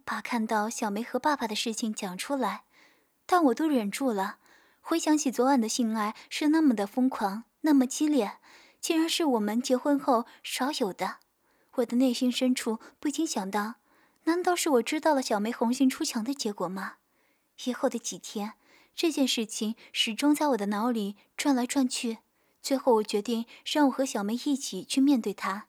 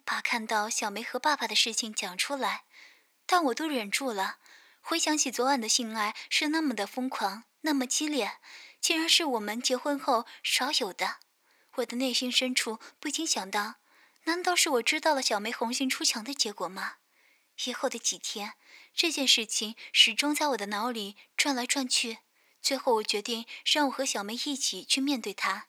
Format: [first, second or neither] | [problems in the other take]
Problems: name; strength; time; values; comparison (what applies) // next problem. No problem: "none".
first | thin; very slightly; fading below 600 Hz